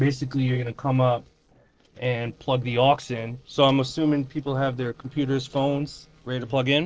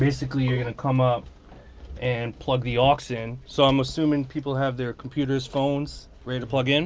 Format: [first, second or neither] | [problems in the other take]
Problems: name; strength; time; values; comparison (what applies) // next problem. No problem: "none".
second | noise reduction (neural separator model SepFormer DNS4)